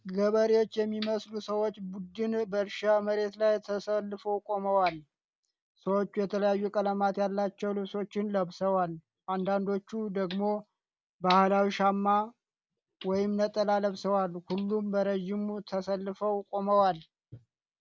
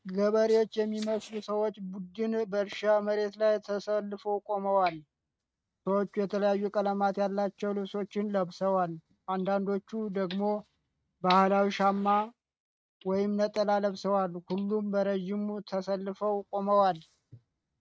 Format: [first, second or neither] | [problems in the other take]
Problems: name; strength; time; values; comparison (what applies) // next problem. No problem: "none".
first | noise reduction (neural mask model RNNoise)